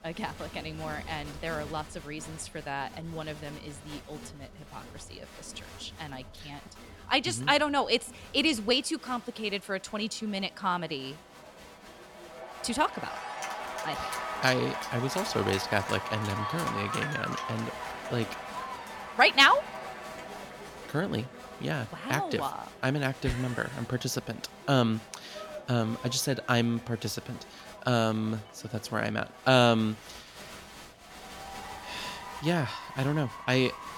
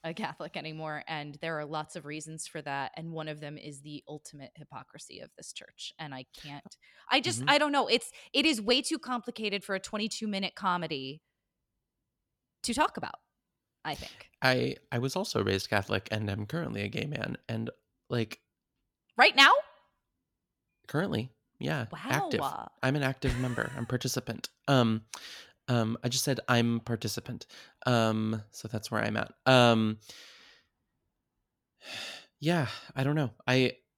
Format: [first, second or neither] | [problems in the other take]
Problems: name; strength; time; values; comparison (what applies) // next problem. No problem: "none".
second | crowd noise; noticeable; throughout; 10 dB below the speech